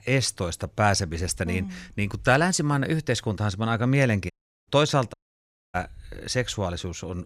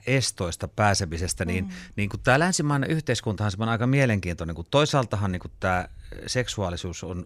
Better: second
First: audio cutting out; at 4.5 s and at 5 s for 0.5 s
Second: none

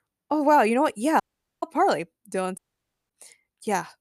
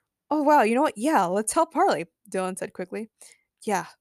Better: second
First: audio cutting out; at 1 s and at 2.5 s for 0.5 s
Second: none

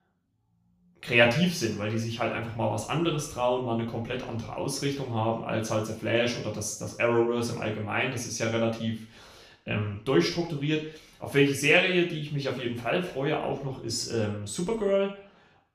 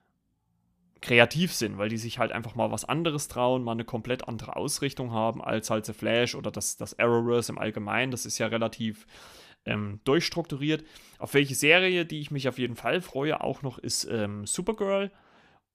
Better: second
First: room echo; slight; dies away in 0.5 s // off-mic speech; far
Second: none

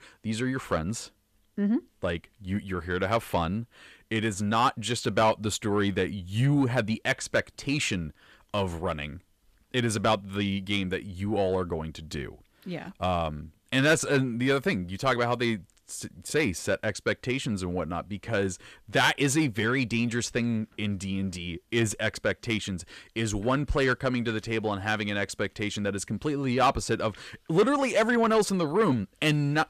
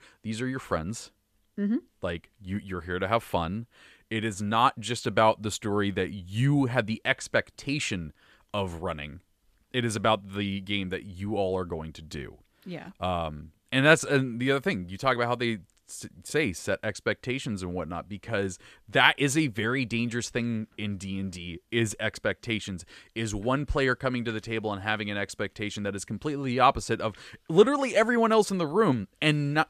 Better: second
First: distortion; slight; 10 dB below the speech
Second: none

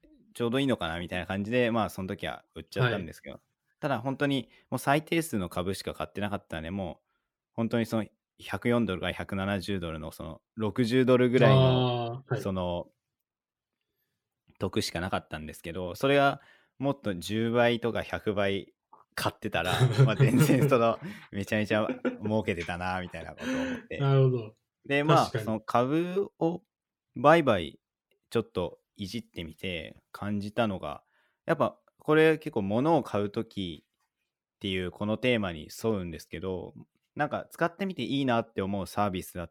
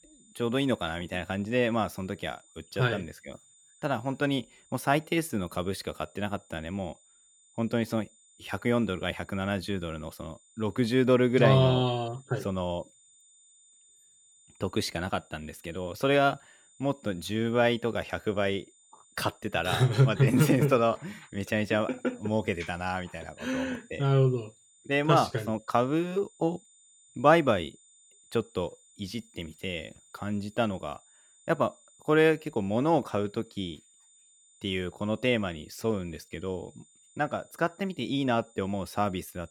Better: first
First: none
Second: high-pitched whine; faint; throughout; 7 kHz, 30 dB below the speech

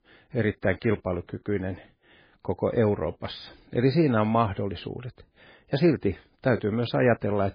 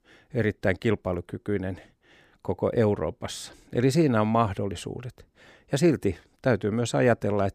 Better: second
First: garbled, watery; badly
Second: none

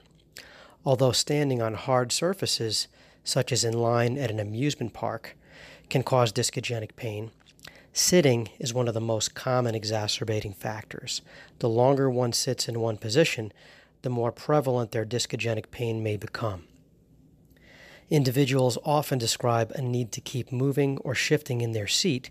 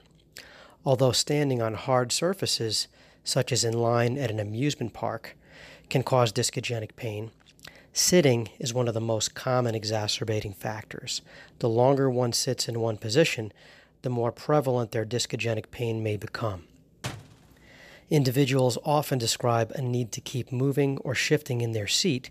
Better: first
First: none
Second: door banging; faint; at 17 s; peak 10 dB below the speech

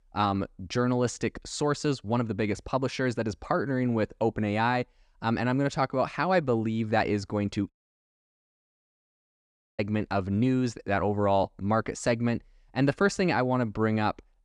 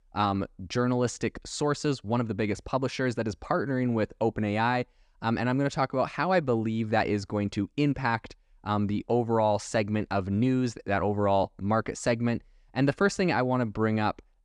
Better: second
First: audio cutting out; at 7.5 s for 2 s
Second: none

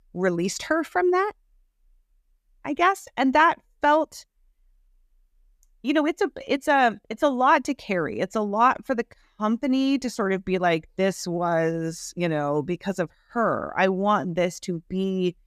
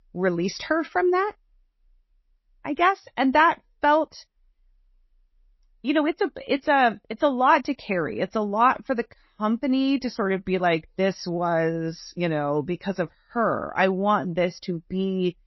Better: first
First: none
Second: garbled, watery; slightly; nothing above 6 kHz

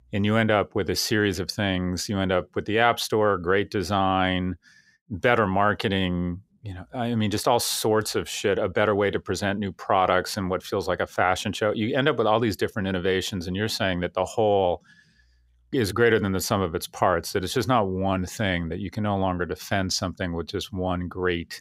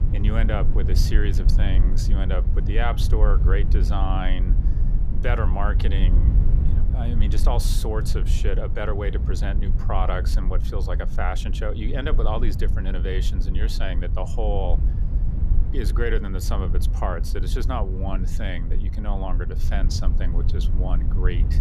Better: first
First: none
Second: low rumble; loud; throughout; 9 dB below the speech

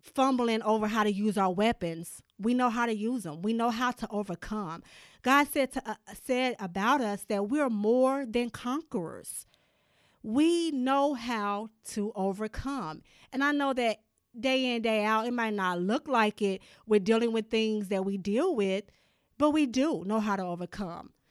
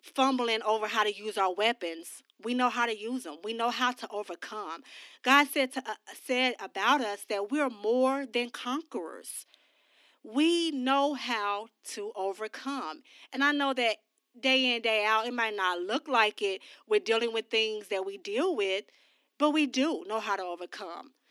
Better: first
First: none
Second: thin; very slightly; fading below 250 Hz

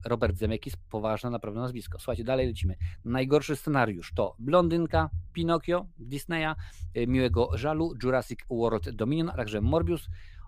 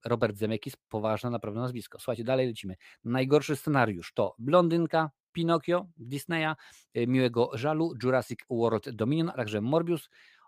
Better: second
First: low rumble; faint; throughout; 25 dB below the speech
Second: none

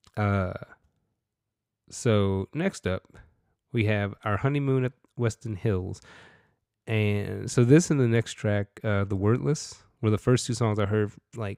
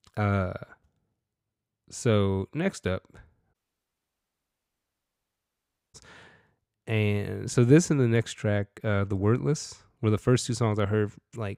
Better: first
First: none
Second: audio cutting out; at 3.5 s for 2.5 s

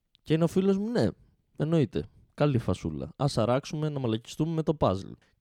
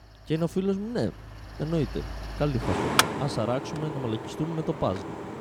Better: first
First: none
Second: machinery noise; loud; throughout; 1 dB below the speech

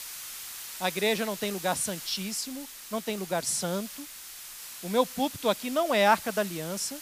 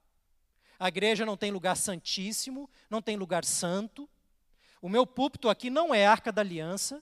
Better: second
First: hiss; noticeable; throughout; 10 dB below the speech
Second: none

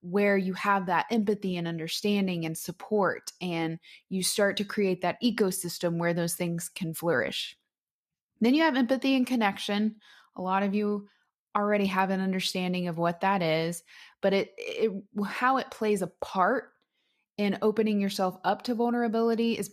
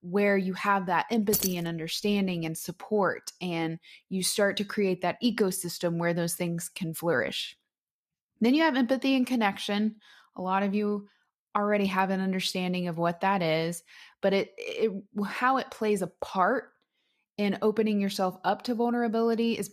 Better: first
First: none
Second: jangling keys; noticeable; at 1.5 s; peak level with the speech

